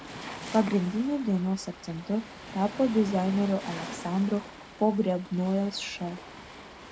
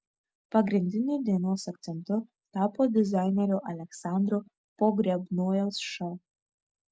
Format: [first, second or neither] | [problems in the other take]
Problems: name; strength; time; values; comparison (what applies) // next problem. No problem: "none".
second | background sound (Waves, surf); 13 dB below the speech